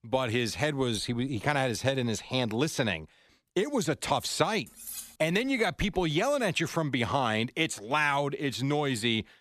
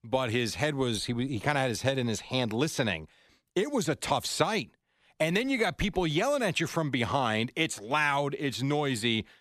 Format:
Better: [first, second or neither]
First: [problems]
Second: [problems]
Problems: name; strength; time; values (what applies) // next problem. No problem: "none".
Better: second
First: clattering dishes; faint; at 4.5 s; peak 10 dB below the speech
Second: none